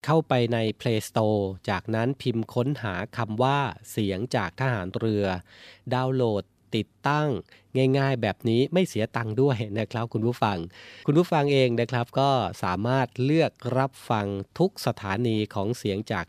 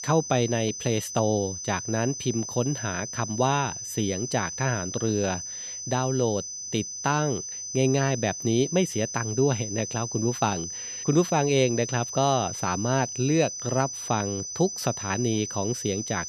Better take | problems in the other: first | high-pitched whine; loud; throughout; 6 kHz, 6 dB below the speech

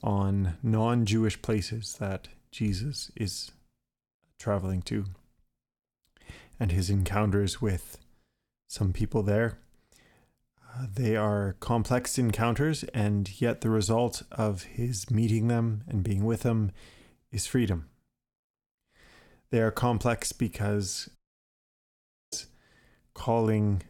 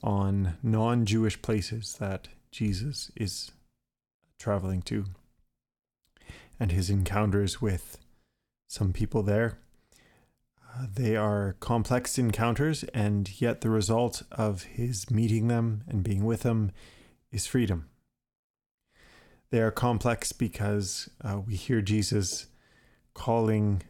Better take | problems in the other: second | audio cutting out; at 21 s for 1 s

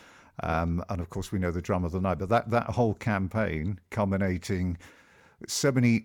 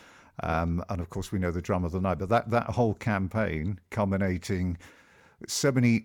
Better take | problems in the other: neither | none

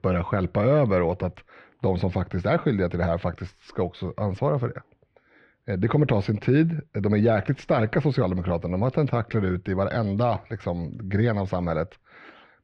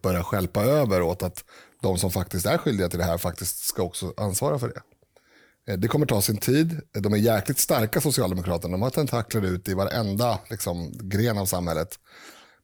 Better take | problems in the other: second | muffled; very; fading above 3 kHz

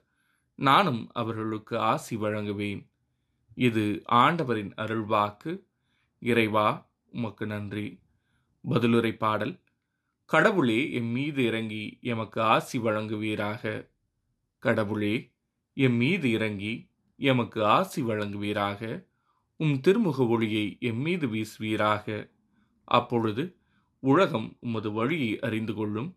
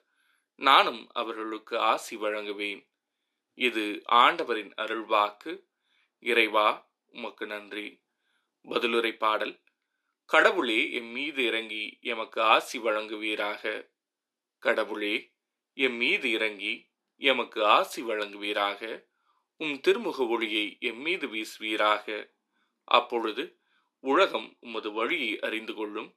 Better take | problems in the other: first | thin; somewhat; fading below 350 Hz

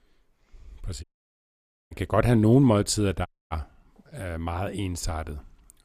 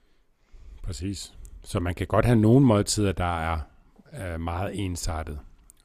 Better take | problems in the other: second | audio cutting out; at 1 s for 1 s and at 3.5 s

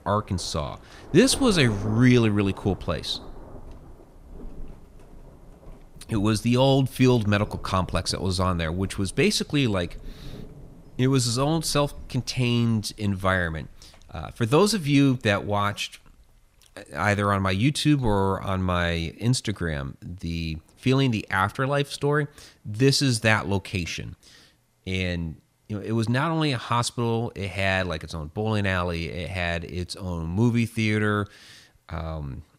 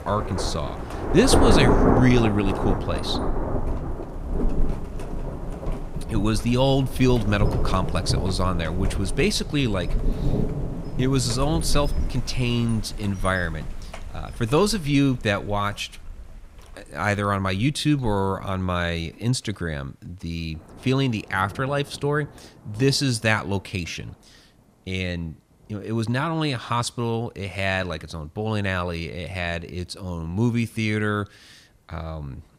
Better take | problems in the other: first | rain or running water; loud; throughout; 3 dB below the speech; faint in the first

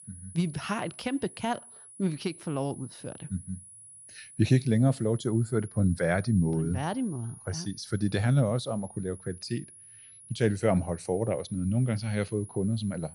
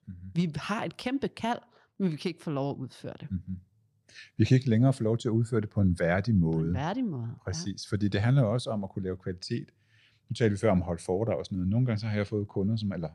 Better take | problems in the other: second | high-pitched whine; noticeable; throughout; 10 kHz, 20 dB below the speech

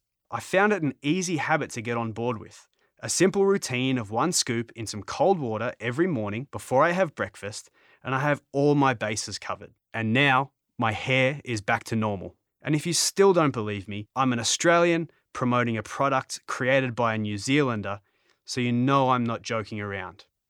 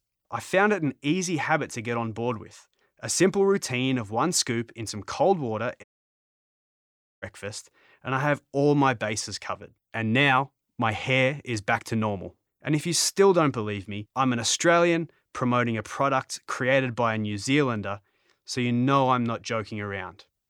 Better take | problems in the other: first | audio cutting out; at 6 s for 1.5 s

